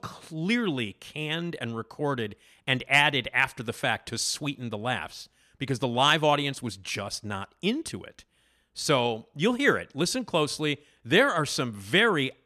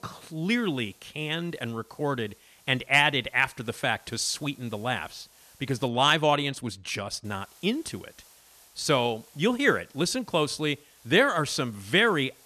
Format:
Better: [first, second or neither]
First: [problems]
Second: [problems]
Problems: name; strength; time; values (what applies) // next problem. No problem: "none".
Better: first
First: none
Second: hiss; faint; until 6 s and from 7.5 s on; 30 dB below the speech